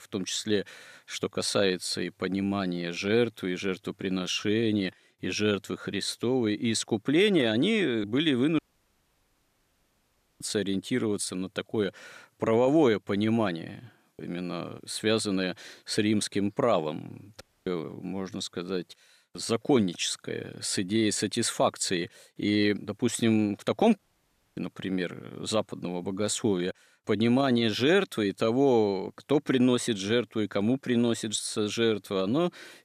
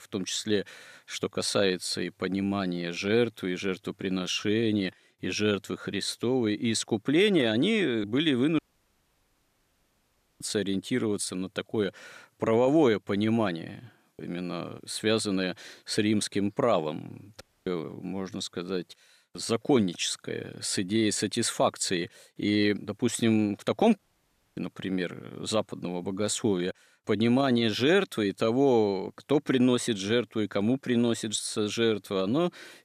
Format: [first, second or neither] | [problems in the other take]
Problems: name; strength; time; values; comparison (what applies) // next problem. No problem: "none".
neither | audio cutting out; at 8.5 s for 2 s, at 17 s and at 24 s for 0.5 s; the same in both